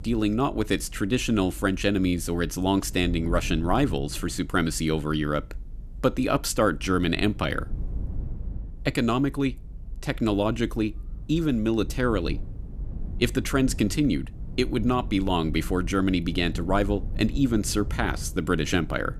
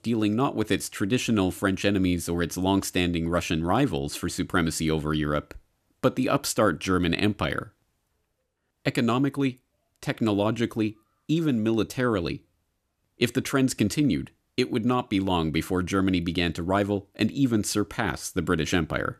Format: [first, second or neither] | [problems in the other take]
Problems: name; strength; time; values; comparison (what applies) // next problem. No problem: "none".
second | low rumble; faint; throughout; 25 dB below the speech